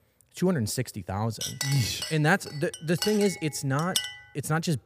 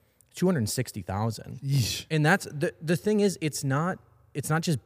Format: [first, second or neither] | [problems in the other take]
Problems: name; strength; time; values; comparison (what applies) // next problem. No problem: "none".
second | clattering dishes; noticeable; from 1.5 to 4 s; peak 1 dB below the speech